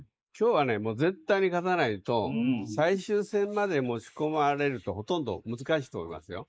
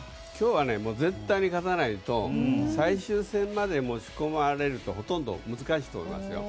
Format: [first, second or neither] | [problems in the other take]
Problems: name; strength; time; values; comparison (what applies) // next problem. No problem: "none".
second | noise reduction (neural mask model Resemble Enhance denoiser)